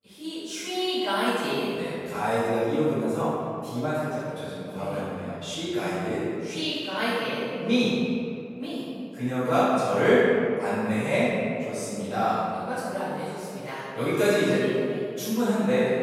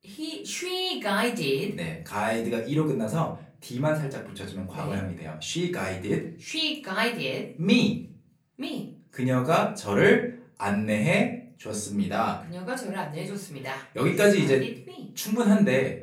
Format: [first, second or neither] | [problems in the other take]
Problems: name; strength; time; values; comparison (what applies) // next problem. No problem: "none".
second | room echo; strong; dies away in 2.3 s; slight in the second // off-mic speech; far; far in the second